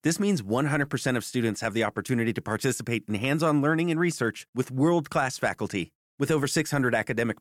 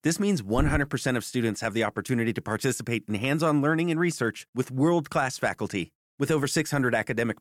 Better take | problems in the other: first | footsteps; noticeable; at 0.5 s; peak 5 dB below the speech

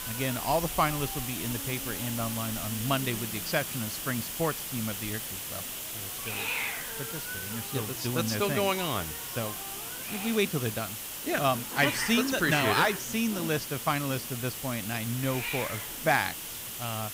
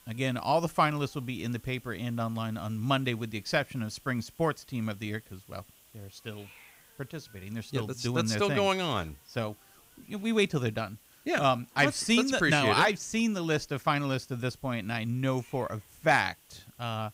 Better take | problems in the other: second | hiss; loud; throughout; 3 dB below the speech; faint in the second

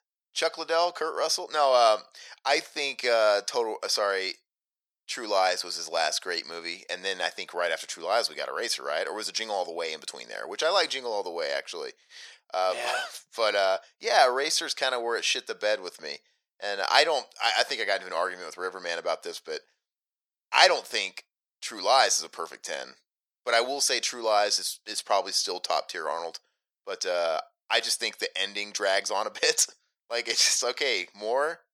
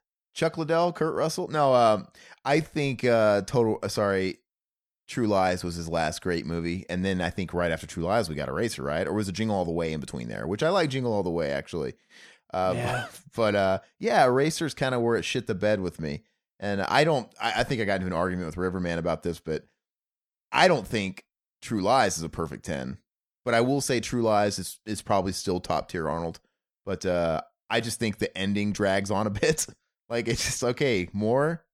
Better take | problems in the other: second | thin; very; fading below 550 Hz

